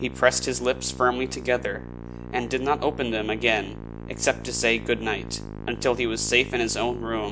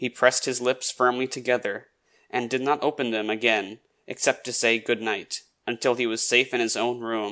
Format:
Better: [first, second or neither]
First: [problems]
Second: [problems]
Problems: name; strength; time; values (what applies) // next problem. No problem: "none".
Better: second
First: background sound (Musical instrument); 11 dB below the speech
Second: none